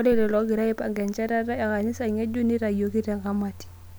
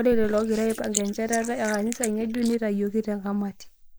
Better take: first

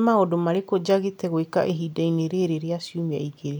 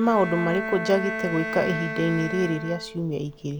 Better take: first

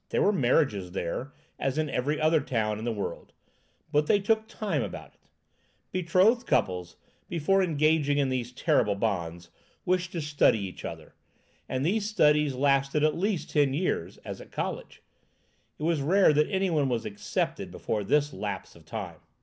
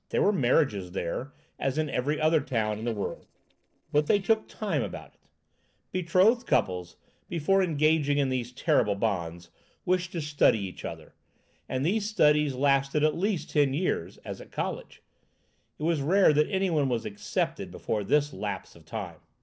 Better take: first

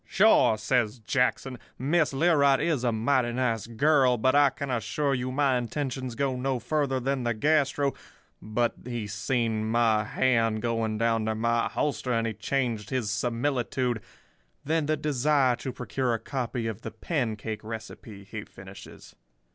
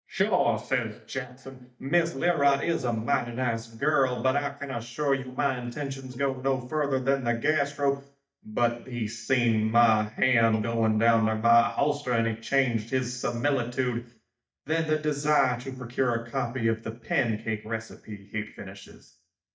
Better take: first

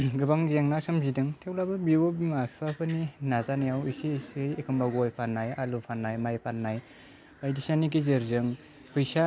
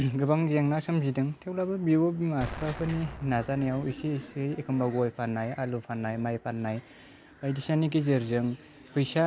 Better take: first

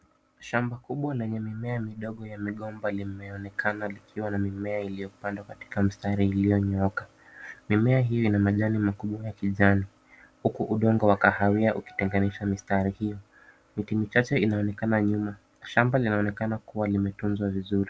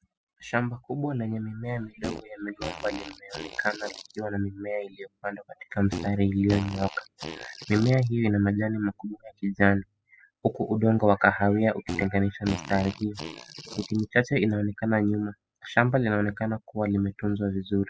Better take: first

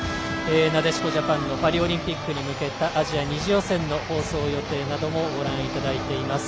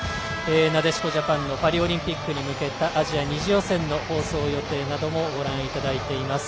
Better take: second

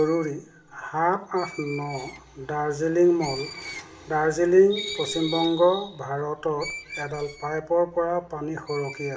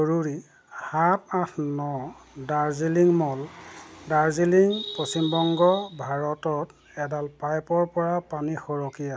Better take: second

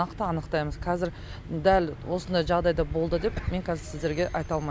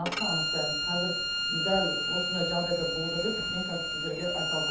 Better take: first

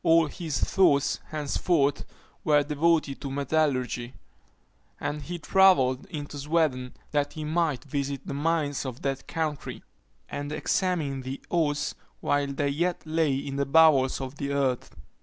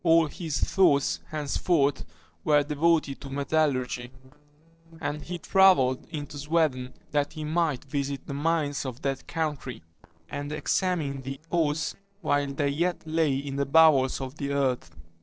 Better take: first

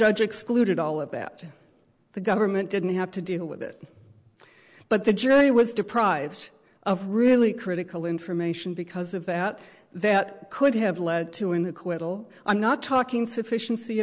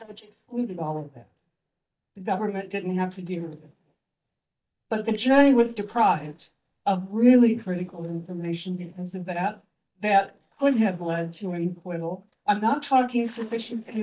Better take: first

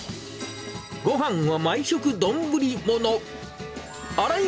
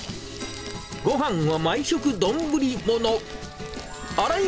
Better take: first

